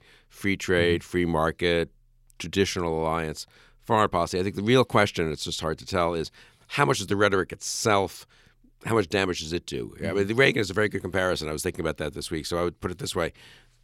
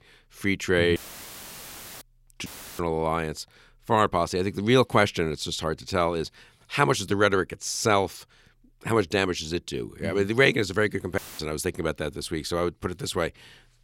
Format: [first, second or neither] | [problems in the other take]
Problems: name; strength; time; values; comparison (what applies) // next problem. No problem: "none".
first | audio cutting out; filled with static; at 1 s for 1 s, at 2.5 s and at 11 s